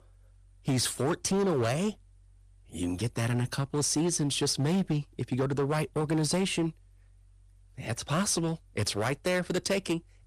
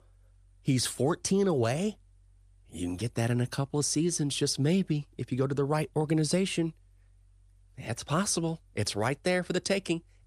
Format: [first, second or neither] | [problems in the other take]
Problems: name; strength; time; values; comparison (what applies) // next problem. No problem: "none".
second | distortion; slight; 9% of the sound clipped